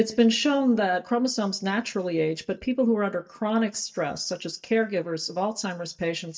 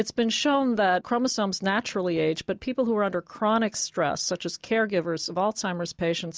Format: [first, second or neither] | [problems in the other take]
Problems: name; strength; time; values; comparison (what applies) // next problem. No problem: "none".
second | noise reduction (neural mask model DeepFilterNet 3)